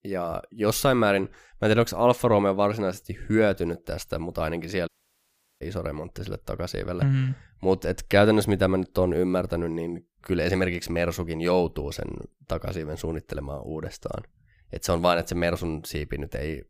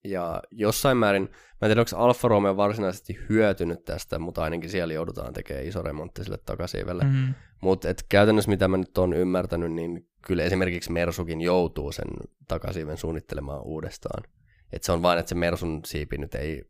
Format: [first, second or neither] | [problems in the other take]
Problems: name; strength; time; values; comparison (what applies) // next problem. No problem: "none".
second | audio cutting out; at 5 s for 0.5 s